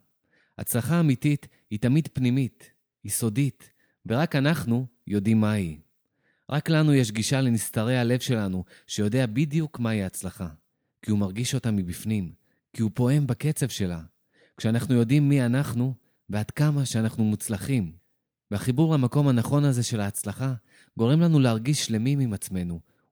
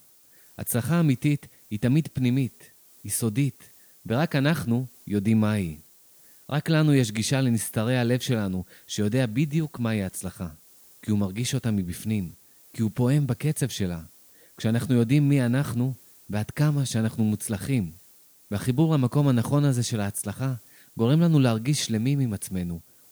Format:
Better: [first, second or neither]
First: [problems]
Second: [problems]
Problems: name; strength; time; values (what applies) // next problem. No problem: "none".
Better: first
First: none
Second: hiss; faint; throughout; 25 dB below the speech